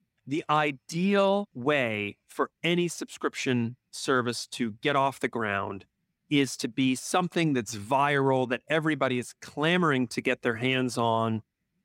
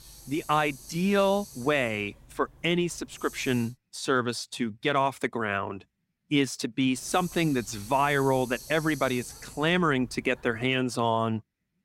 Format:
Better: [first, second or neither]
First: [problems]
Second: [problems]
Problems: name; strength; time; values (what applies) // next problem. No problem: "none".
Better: first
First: none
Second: hiss; noticeable; until 3.5 s and from 7 to 11 s; 20 dB below the speech